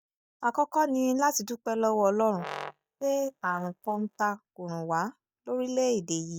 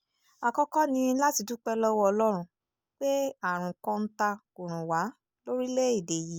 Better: second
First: noise reduction (neural mask model DeepFilterNet 3)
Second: none

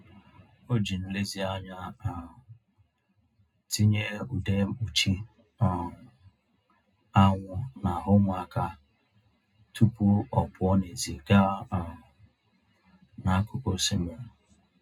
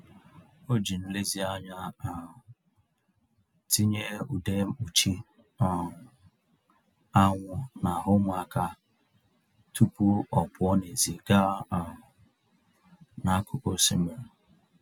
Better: second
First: room echo; dies away in 0.2 s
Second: none

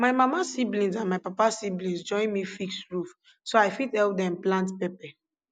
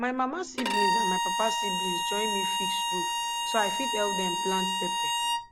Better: first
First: none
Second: background sound (Bowed string instrument); 4 dB above the speech

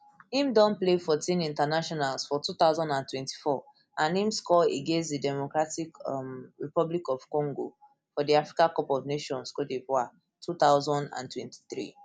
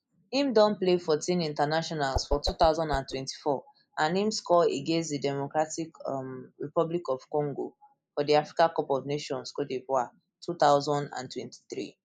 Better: first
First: none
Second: noise reduction (neural mask model Resemble Enhance denoiser)

